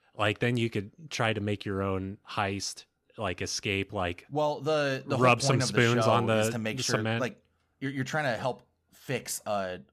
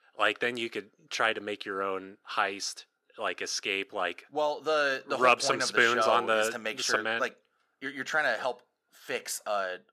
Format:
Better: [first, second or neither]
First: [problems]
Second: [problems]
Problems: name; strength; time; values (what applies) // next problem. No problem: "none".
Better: first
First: none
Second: thin; somewhat; fading below 450 Hz